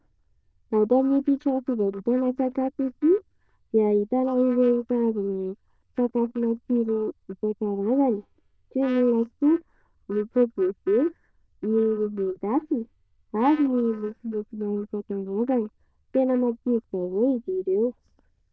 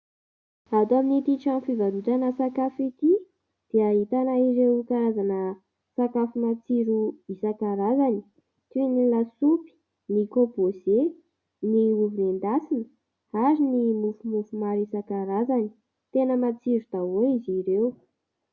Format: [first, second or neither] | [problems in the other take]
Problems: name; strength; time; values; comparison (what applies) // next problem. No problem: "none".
second | noise reduction (neural diffusion model UNIVERSE++)